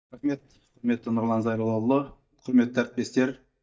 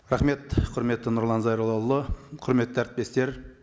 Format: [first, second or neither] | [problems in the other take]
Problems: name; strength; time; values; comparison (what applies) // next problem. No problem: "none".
second | noise reduction (neural mask model DeepFilterNet 3)